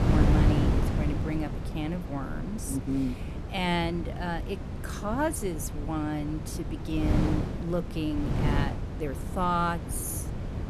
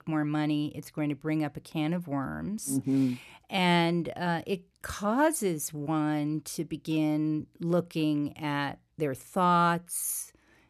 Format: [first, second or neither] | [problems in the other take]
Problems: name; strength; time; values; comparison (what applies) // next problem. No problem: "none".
second | wind noise on the microphone; heavy; 5 dB below the speech